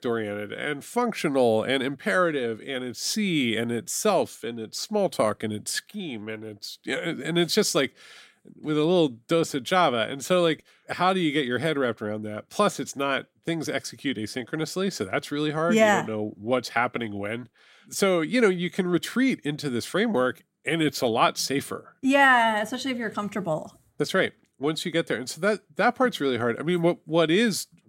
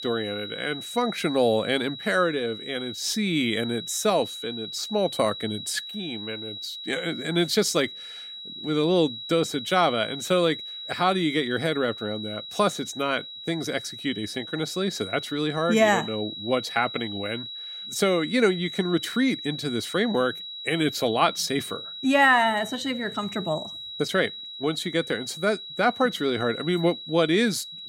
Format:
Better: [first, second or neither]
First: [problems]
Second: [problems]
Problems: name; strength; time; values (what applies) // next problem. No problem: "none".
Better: first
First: none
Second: high-pitched whine; loud; throughout; 4 kHz, 10 dB below the speech